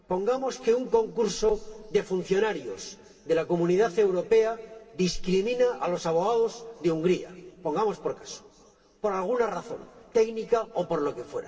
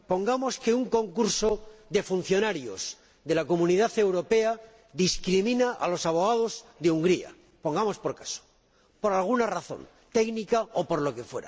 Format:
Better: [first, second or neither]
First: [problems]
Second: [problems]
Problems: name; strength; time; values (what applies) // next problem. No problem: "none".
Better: second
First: room echo; dies away in 2.3 s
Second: none